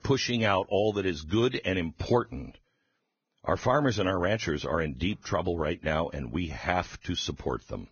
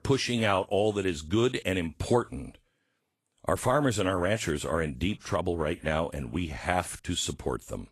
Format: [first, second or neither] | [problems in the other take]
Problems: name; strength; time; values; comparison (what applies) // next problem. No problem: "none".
second | garbled, watery; badly; nothing above 6.5 kHz; slightly in the second